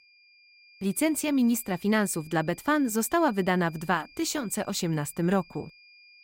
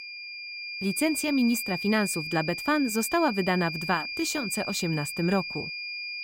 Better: first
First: high-pitched whine; faint; throughout; 2.5 kHz, 25 dB below the speech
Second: high-pitched whine; loud; throughout; 2.5 kHz, 6 dB below the speech

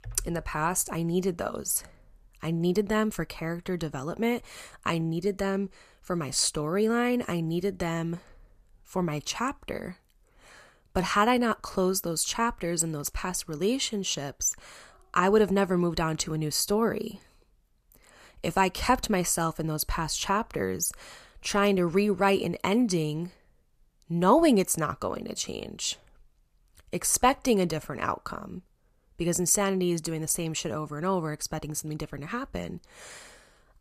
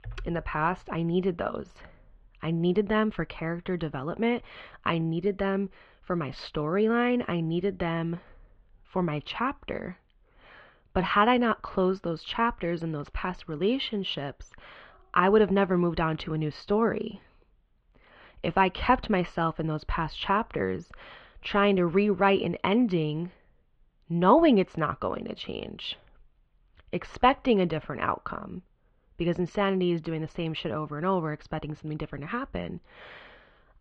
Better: first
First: none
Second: muffled; very; fading above 3.5 kHz

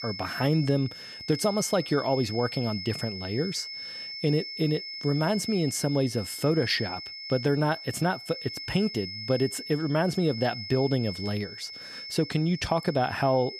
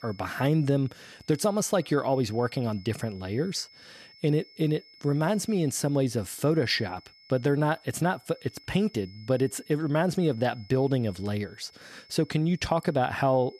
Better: second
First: high-pitched whine; loud; throughout; 5 kHz, 9 dB below the speech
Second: high-pitched whine; faint; throughout; 5 kHz, 25 dB below the speech

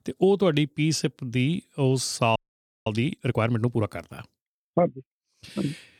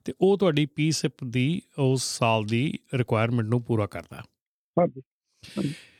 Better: second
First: audio freezing; at 2.5 s for 0.5 s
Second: none

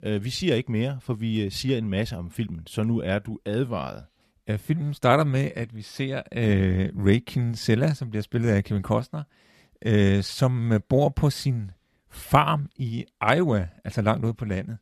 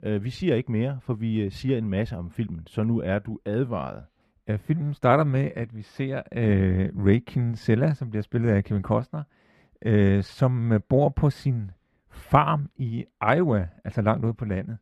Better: first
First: none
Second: muffled; slightly; fading above 3 kHz

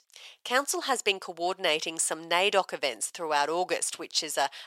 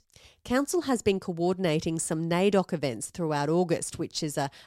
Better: second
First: thin; very; fading below 800 Hz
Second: none

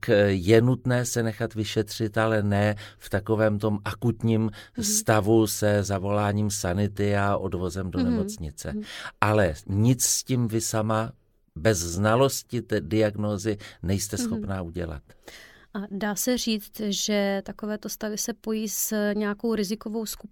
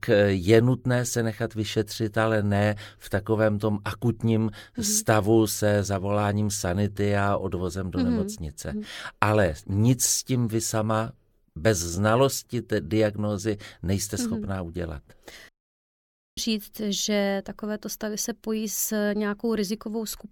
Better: first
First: none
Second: audio cutting out; at 15 s for 1 s

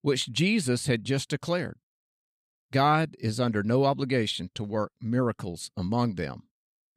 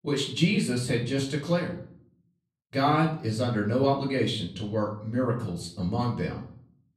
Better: first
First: none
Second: off-mic speech; far // room echo; slight; dies away in 0.5 s

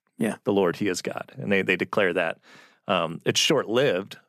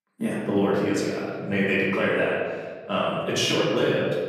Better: first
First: none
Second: room echo; noticeable; dies away in 1.4 s // off-mic speech; far

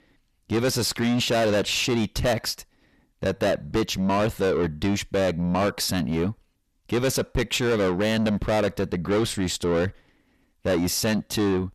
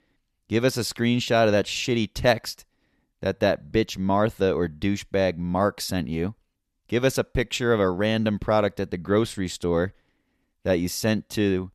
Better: second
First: distortion; heavy; 7 dB below the speech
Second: none

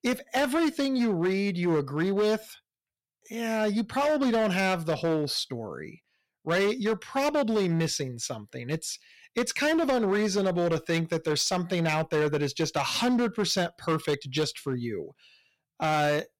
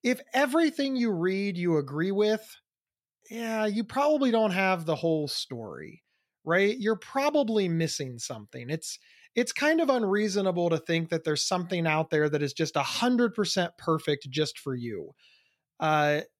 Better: second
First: distortion; slight; 11% of the sound clipped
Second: none

